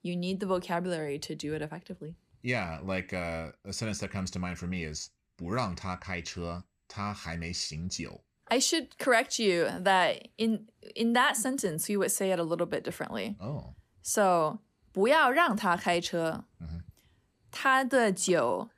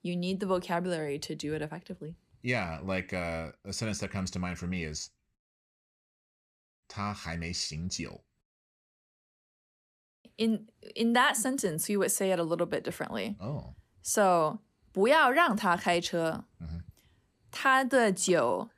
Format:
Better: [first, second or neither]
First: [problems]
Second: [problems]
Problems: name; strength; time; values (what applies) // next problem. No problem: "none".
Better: first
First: none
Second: audio cutting out; at 5.5 s for 1.5 s and at 8.5 s for 2 s